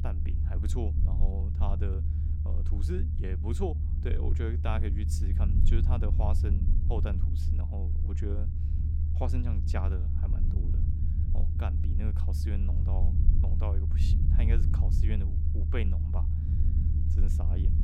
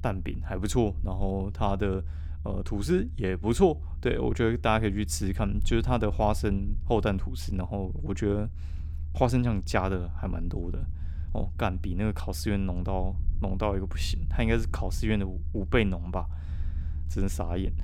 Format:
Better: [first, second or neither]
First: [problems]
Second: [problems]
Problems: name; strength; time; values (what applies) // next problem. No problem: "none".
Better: second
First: low rumble; loud; throughout; 3 dB below the speech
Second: low rumble; faint; throughout; 20 dB below the speech